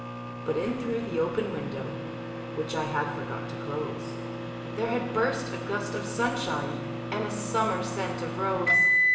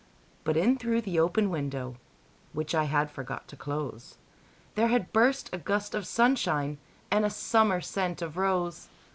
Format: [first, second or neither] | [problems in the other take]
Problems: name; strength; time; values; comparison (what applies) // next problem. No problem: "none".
second | background sound (Microwave oven); as loud as the speech // room echo; dies away in 1.1 s